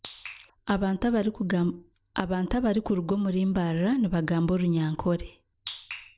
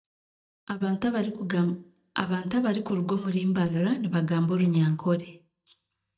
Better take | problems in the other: first | noise reduction (neural mask model DeepFilterNet 3)

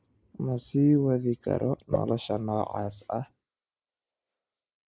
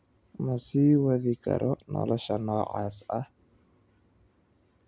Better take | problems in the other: second | noise reduction (neural mask model Resemble Enhance denoiser)

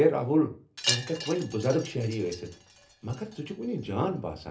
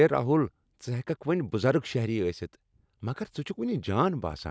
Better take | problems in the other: second | background sound (Wind chime); 9 dB below the speech // room echo; dies away in 0.3 s

